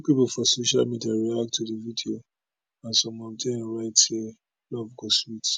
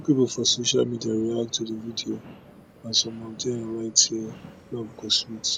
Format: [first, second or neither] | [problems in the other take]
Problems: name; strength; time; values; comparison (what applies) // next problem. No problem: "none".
first | background sound (Subway, metro, underground); 20 dB below the speech